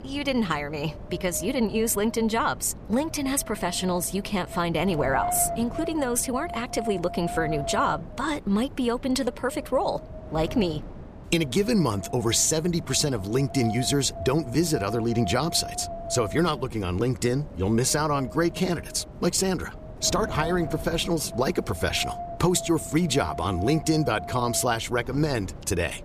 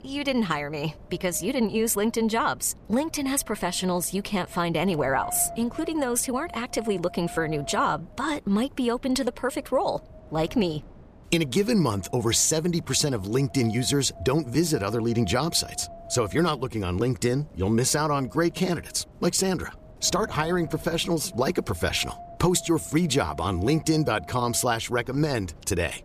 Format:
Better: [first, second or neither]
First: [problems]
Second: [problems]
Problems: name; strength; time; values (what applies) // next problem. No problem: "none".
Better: second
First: wind noise on the microphone; heavy; 10 dB below the speech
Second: wind noise on the microphone; occasional gusts; 15 dB below the speech